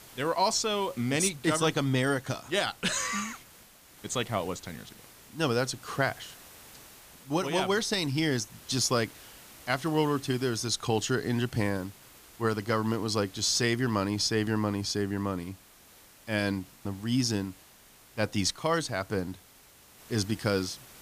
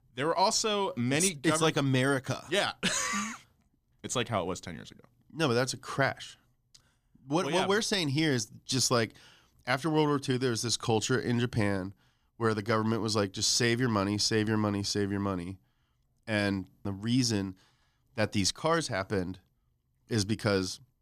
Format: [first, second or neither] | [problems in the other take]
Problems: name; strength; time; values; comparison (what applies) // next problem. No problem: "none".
second | hiss; faint; throughout; 20 dB below the speech